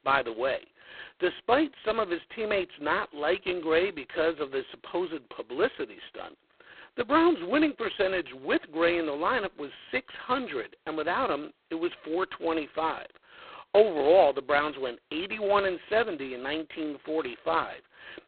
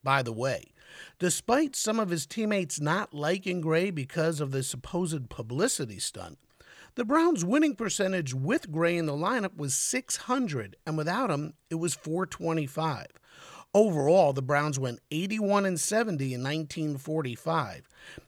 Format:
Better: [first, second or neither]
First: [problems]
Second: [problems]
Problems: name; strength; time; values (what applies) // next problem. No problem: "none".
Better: second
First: phone-call audio; poor line; nothing above 4 kHz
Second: none